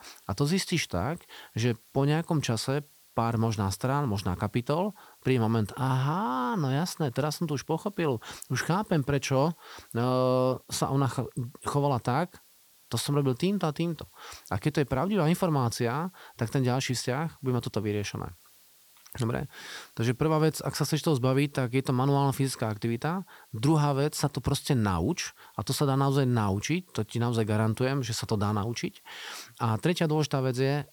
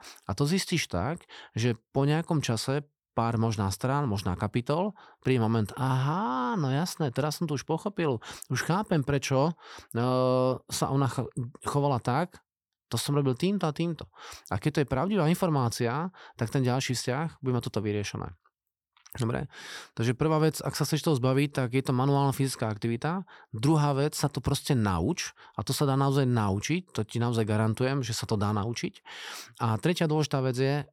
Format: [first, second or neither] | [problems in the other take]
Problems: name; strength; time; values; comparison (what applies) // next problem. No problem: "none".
second | hiss; faint; throughout; 25 dB below the speech